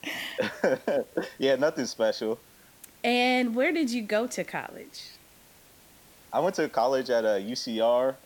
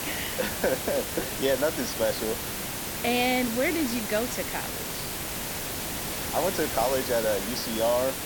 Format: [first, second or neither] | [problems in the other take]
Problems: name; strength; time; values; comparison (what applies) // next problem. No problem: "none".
first | hiss; loud; throughout; 2 dB below the speech; faint in the first